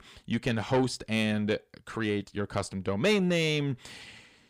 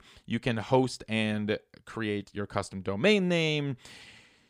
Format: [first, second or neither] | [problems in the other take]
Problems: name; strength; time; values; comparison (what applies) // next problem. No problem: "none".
second | distortion; slight; 10 dB below the speech